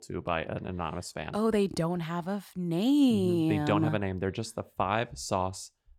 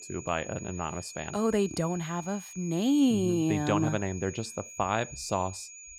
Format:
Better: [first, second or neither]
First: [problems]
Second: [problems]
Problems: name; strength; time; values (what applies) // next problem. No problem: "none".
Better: first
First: none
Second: high-pitched whine; noticeable; throughout; 6.5 kHz, 15 dB below the speech